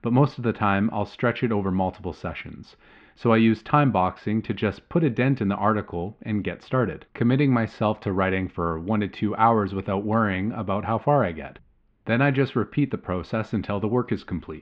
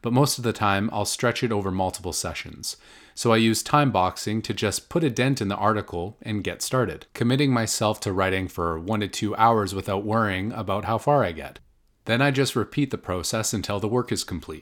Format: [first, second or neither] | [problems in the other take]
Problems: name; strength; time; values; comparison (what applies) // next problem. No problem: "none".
second | muffled; very; fading above 3 kHz